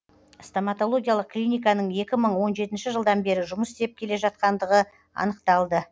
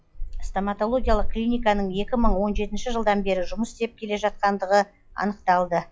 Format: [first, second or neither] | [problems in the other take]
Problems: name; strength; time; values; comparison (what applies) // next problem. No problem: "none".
first | noise reduction (classical method log-MMSE)